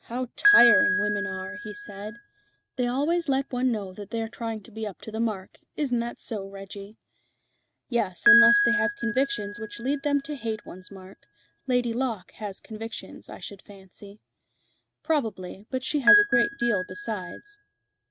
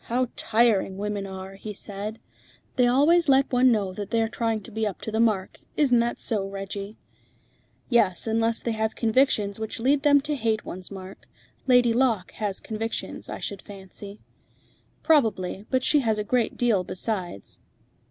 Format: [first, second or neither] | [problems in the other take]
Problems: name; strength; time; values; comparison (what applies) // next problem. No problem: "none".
second | noise reduction (neural mask model RNNoise)